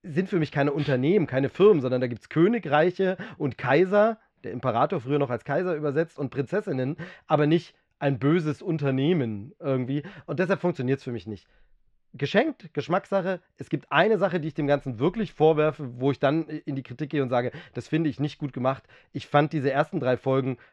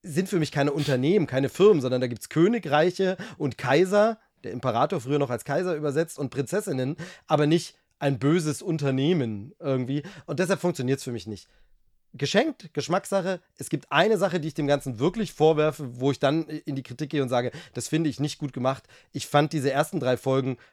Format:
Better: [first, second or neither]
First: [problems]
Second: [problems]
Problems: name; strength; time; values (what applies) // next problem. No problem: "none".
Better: second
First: muffled; slightly; fading above 2.5 kHz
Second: none